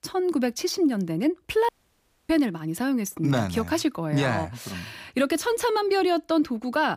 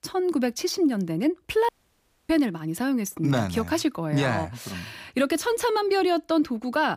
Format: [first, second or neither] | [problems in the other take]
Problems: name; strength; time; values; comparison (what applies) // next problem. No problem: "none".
neither | audio cutting out; at 1.5 s for 0.5 s; the same in both